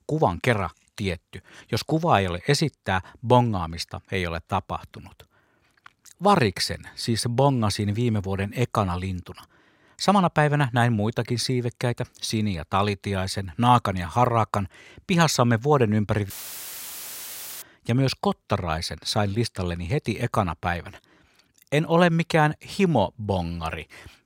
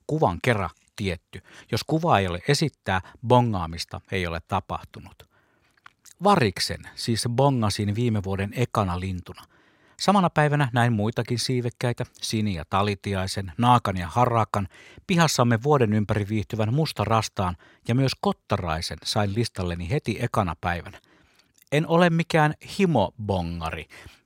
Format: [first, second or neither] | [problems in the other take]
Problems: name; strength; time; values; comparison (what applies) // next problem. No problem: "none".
second | audio cutting out; filled with static; at 16 s for 1.5 s